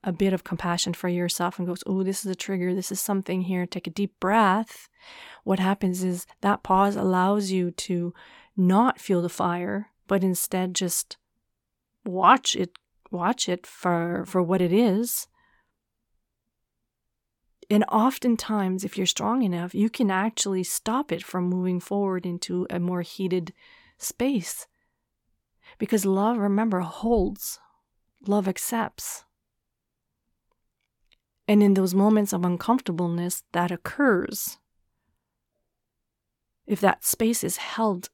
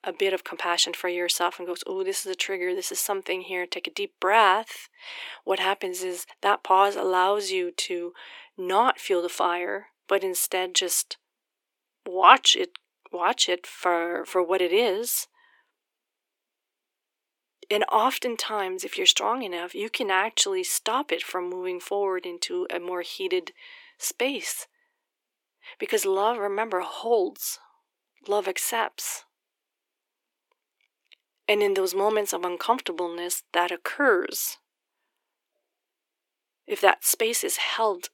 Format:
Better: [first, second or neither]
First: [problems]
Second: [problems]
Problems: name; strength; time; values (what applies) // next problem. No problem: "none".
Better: first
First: none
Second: thin; very; fading below 350 Hz